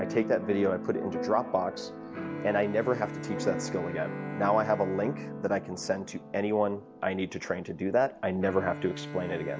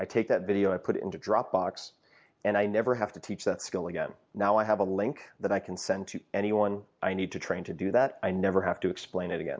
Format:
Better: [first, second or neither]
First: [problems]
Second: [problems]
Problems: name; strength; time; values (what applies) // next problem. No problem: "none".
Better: second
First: background sound (Keyboard (musical) + Bowed string instrument); 8 dB below the speech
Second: none